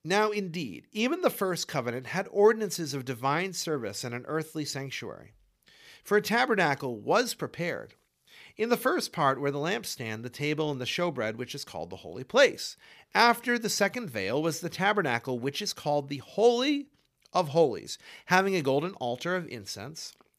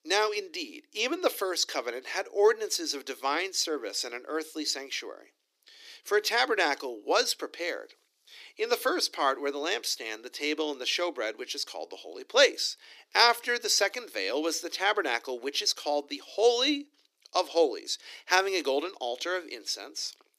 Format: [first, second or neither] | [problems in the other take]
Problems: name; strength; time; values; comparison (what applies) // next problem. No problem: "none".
first | thin; somewhat; fading below 300 Hz